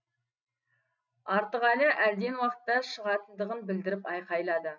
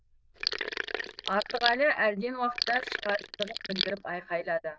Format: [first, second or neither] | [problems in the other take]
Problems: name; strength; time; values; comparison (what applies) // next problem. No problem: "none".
first | noise reduction (neural diffusion model UNIVERSE++)